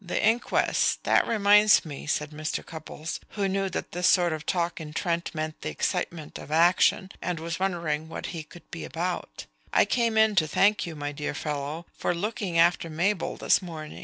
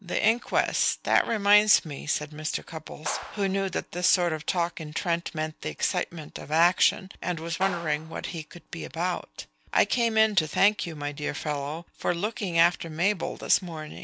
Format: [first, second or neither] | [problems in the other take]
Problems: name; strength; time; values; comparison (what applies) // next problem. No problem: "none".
first | background sound (Clapping); 12 dB below the speech